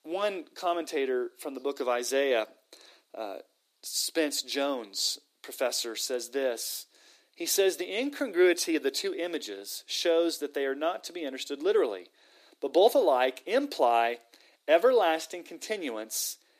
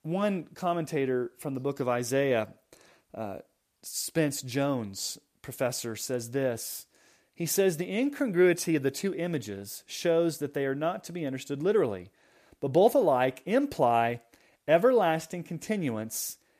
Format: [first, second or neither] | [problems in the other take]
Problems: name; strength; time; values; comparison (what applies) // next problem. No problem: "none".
second | thin; somewhat; fading below 300 Hz